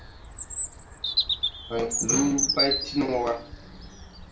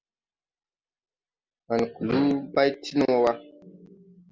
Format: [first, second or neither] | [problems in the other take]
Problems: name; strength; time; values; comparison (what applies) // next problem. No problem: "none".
second | background sound (Bird vocalization, bird call, bird song); as loud as the speech // room echo; dies away in 0.4 s